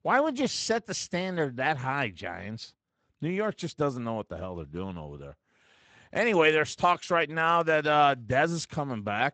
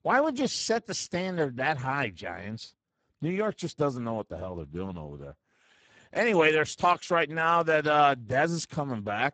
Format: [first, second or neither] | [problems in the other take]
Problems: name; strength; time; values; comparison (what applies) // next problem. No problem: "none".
first | garbled, watery; badly; nothing above 8 kHz; slightly in the first